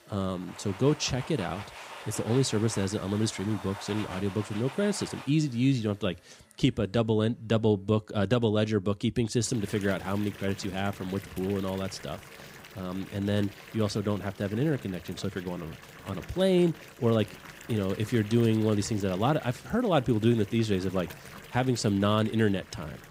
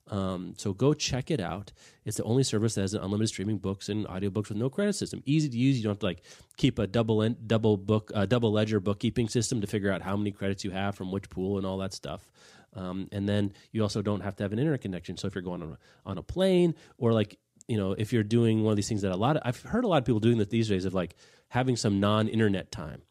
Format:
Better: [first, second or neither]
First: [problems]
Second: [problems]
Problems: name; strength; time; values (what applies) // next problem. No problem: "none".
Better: second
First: household noises; noticeable; throughout; 15 dB below the speech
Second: none